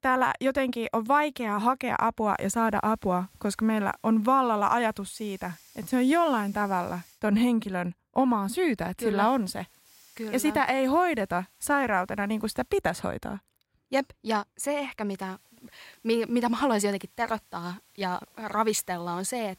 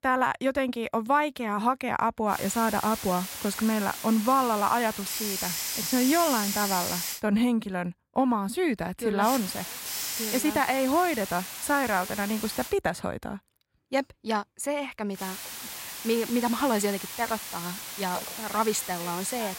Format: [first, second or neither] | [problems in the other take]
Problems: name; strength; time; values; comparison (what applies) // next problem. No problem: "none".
first | hiss; loud; from 2.5 to 7 s, from 9.5 to 13 s and from 15 s on; 5 dB below the speech; faint in the first